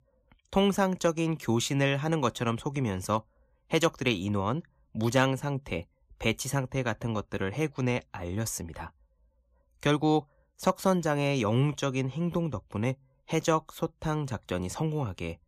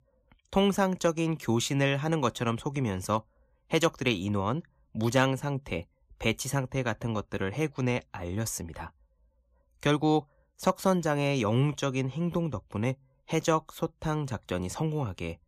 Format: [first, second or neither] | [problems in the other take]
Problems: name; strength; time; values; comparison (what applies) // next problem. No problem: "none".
neither | none